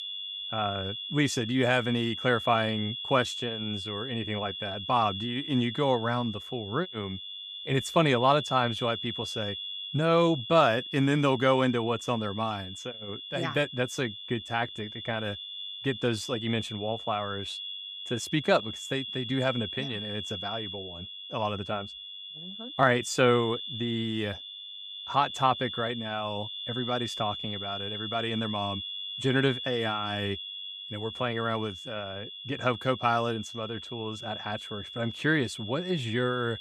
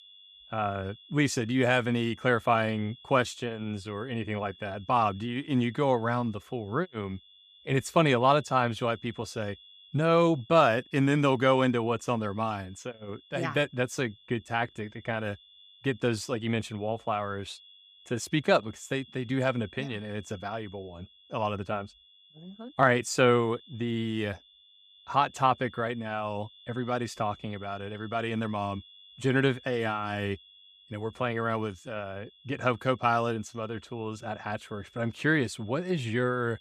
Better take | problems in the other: second | high-pitched whine; loud; throughout; 3.5 kHz, 7 dB below the speech; faint in the second

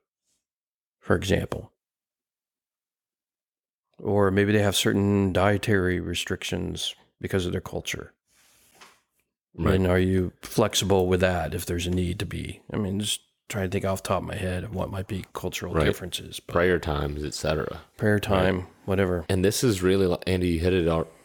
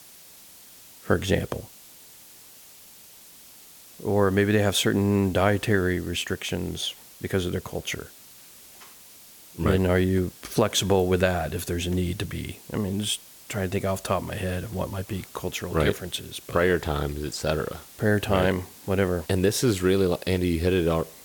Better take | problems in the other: first | hiss; noticeable; throughout; 20 dB below the speech

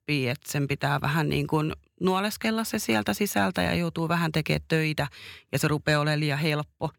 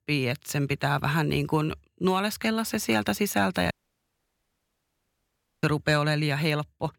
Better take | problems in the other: first | audio cutting out; at 3.5 s for 2 s

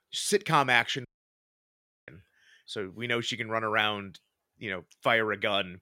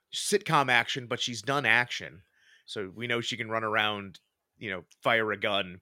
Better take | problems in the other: second | audio cutting out; at 1 s for 1 s

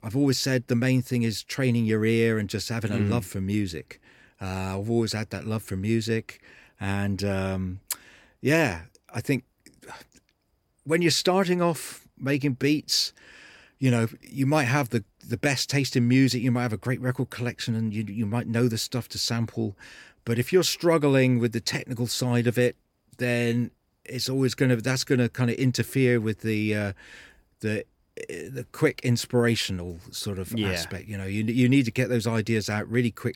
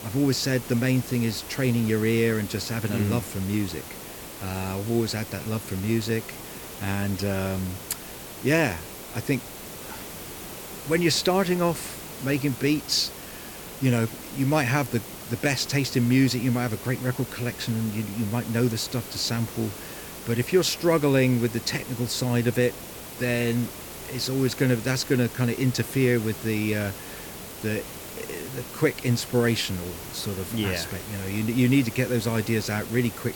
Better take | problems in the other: first | hiss; noticeable; throughout; 10 dB below the speech

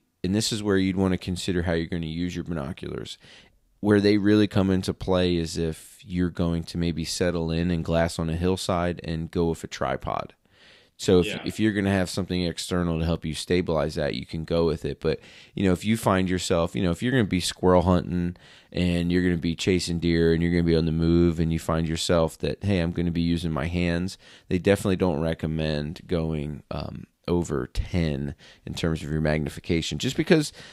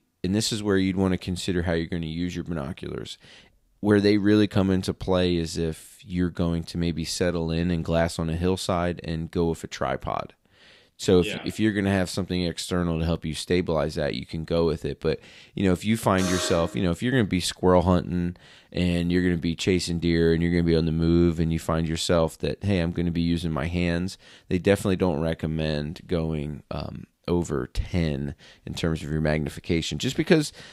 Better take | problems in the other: first | alarm; noticeable; at 16 s; peak 4 dB below the speech

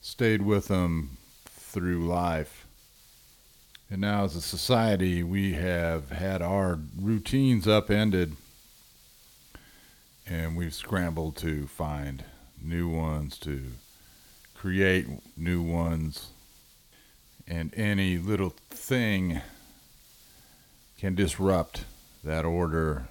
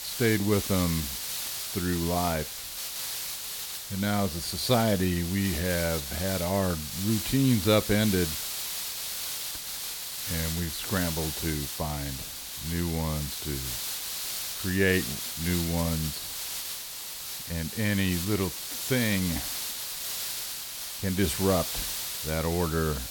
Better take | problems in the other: first | hiss; loud; throughout; 4 dB below the speech; faint in the first

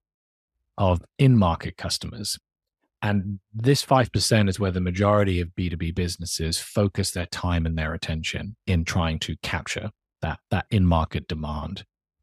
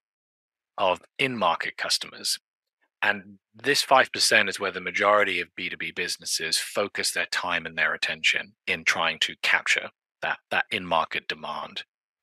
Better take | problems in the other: first | thin; very; fading below 500 Hz

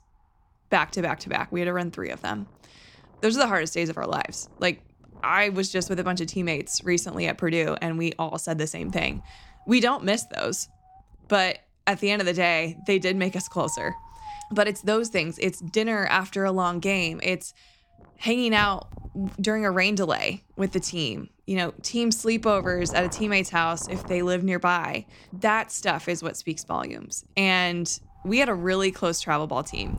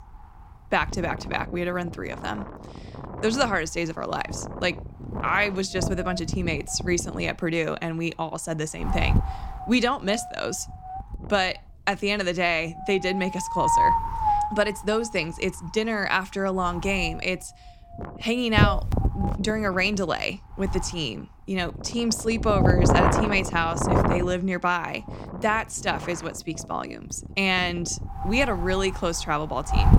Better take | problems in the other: first | wind noise on the microphone; heavy; 3 dB below the speech; occasional gusts in the first

